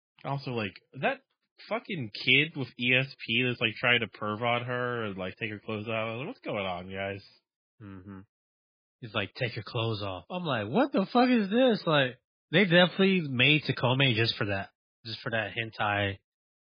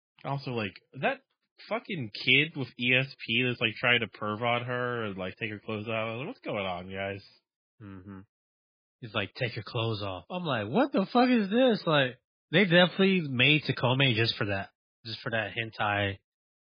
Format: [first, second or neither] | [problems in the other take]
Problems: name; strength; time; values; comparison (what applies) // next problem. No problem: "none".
neither | garbled, watery; badly; nothing above 5 kHz; the same in both